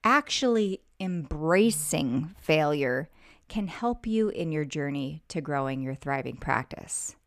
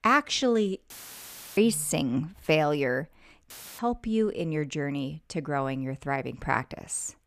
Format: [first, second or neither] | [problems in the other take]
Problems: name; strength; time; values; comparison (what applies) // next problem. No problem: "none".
first | audio cutting out; filled with static; at 1 s for 0.5 s and at 3.5 s